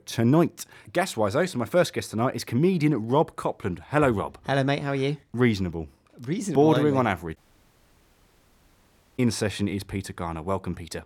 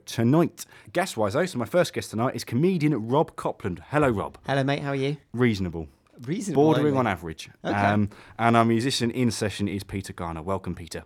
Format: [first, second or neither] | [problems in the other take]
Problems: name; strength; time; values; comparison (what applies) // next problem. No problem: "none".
second | audio cutting out; at 7.5 s for 2 s